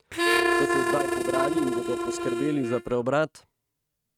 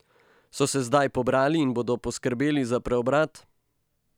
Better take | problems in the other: second | noise reduction (neural mask model RNNoise)

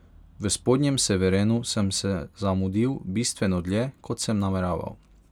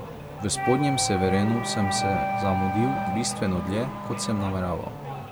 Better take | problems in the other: first | background sound (Wind instrument, woodwind instrument + Race car, auto racing / Accelerating, revving, vroom); 3 dB below the speech

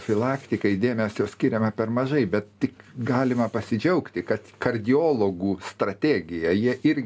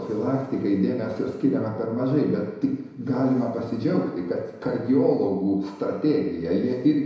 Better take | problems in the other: first | room echo; dies away in 1 s

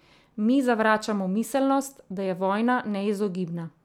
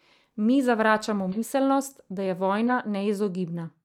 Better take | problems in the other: first | noise reduction (neural mask model DeepFilterNet 3)

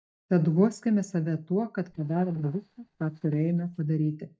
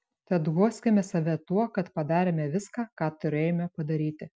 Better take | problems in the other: second | noise reduction (neural mask model DeepFilterNet 3)

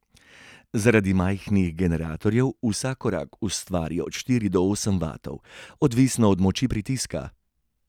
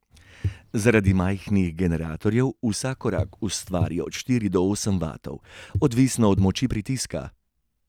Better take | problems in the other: first | background sound (Walk, footsteps / Bird vocalization, bird call, bird song); 10 dB below the speech

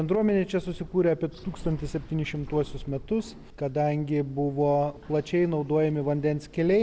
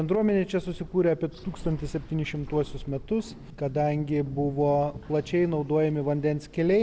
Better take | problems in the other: first | background sound (Sliding door); 18 dB below the speech

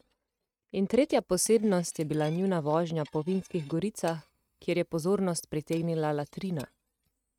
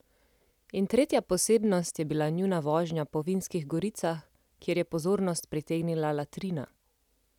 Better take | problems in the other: second | noise reduction (neural mask model RNNoise)

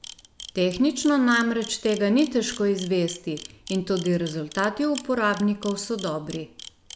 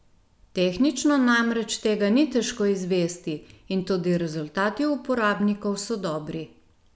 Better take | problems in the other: second | background sound (Camera); 18 dB below the speech

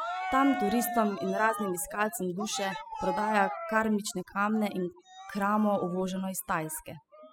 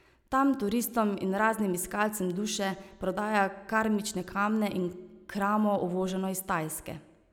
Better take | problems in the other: second | noise reduction (classical method spectral subtraction)

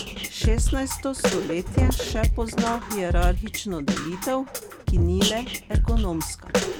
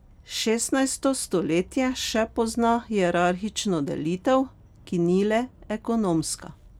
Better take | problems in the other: second | background sound (Drum kit); 5 dB above the speech

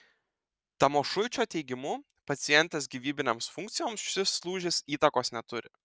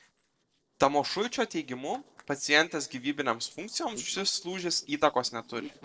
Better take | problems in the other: first | noise reduction (neural separator model SepFormer DNS4)

